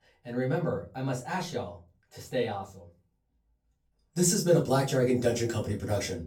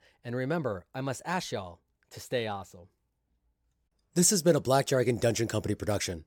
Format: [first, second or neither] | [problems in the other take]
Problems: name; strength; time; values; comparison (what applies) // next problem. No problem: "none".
second | off-mic speech; far // room echo; very slight; dies away in 0.3 s